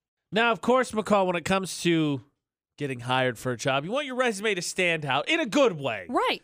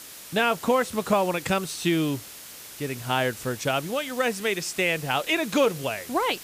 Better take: first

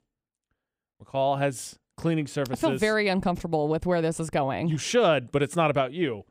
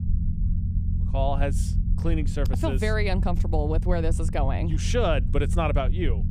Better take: first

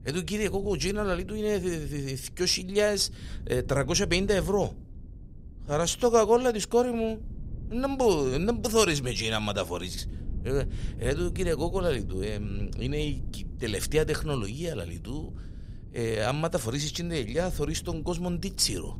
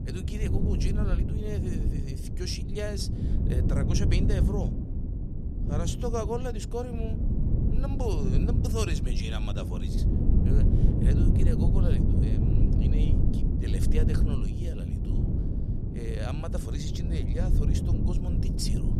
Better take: first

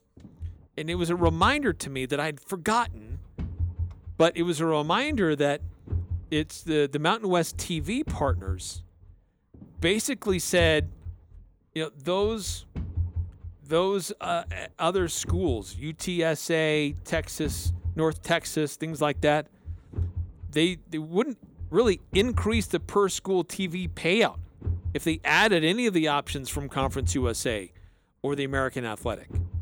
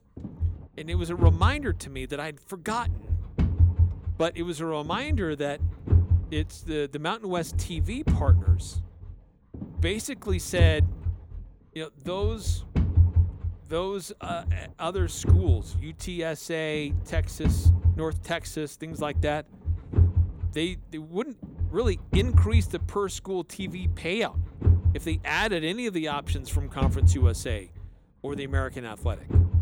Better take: first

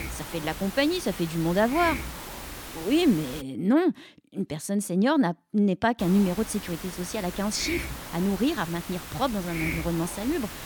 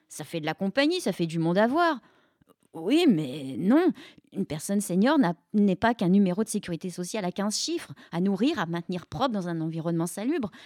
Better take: second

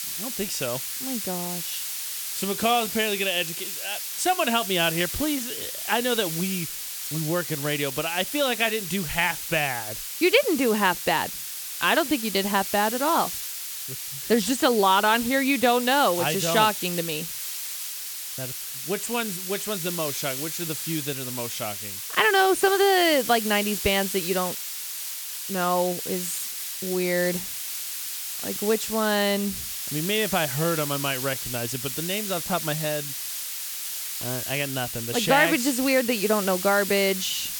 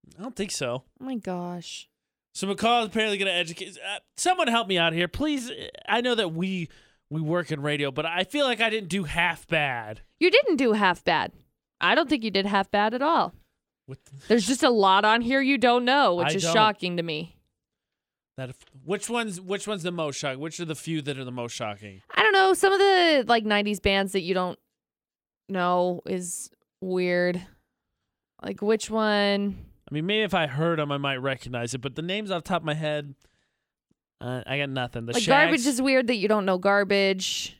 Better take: second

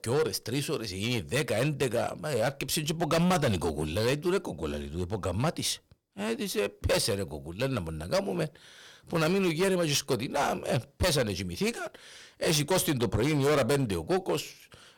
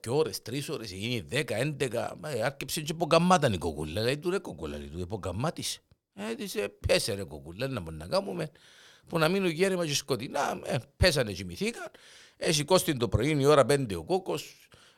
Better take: second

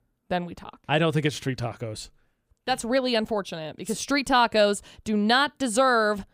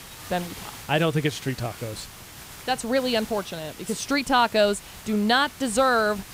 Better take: first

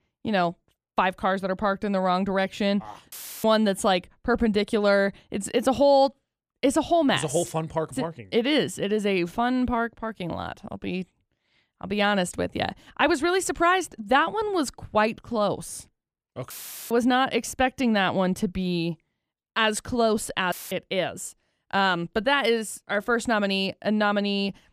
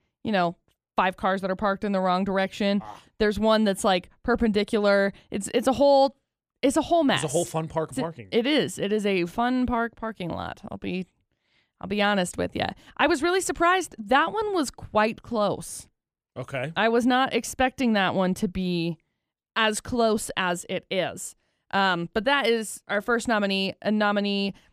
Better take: second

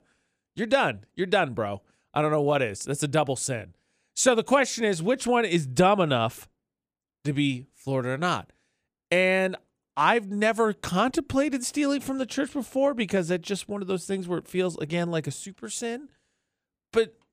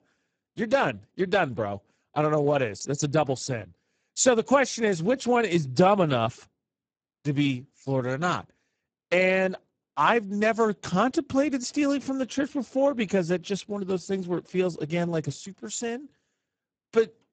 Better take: first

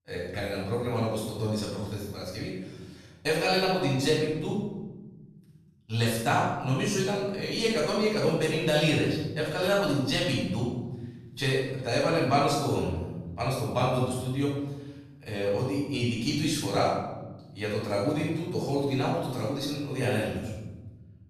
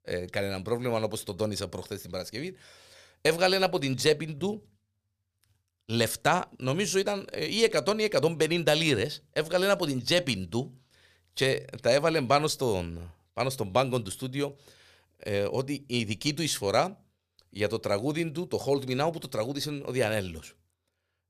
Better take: second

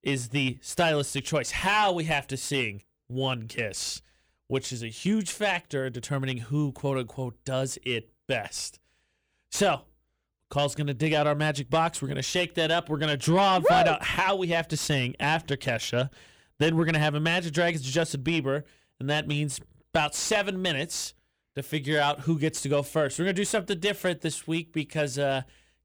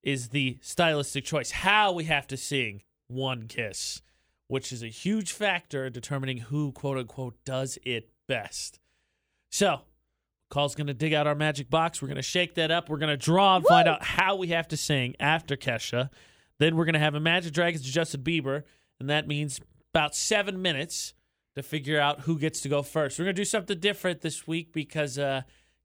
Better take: second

